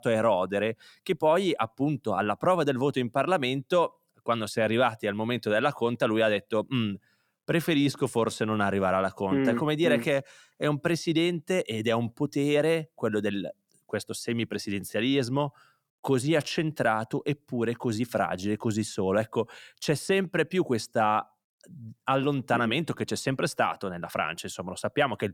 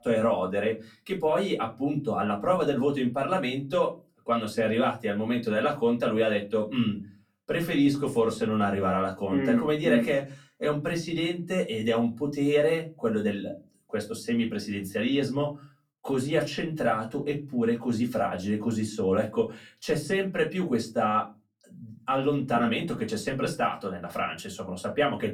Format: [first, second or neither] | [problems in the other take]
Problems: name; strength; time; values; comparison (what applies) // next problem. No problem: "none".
first | off-mic speech; far // room echo; very slight; dies away in 0.2 s